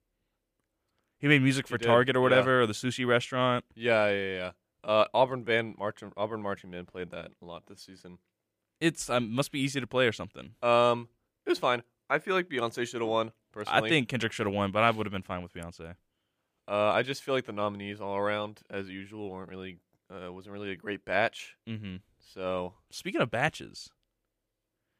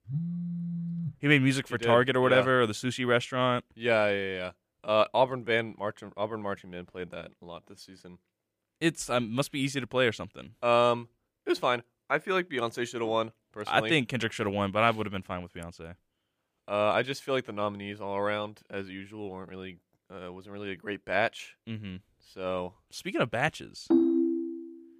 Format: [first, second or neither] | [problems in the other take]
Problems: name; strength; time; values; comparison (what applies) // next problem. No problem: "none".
first | phone ringing; noticeable; until 1 s; peak 5 dB below the speech // phone ringing; loud; at 24 s; peak 4 dB above the speech